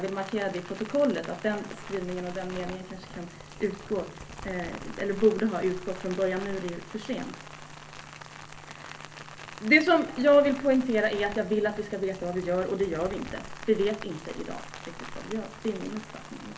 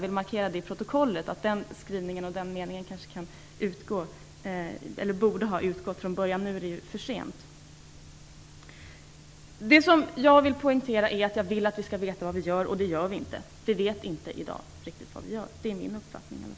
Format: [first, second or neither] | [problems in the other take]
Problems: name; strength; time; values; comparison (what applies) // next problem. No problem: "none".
second | background sound (Rain); 14 dB below the speech // room echo; dies away in 0.3 s